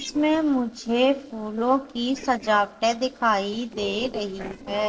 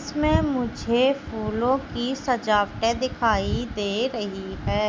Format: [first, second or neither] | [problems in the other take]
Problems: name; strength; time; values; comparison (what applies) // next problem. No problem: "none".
second | noise reduction (neural separator model SepFormer DNS4)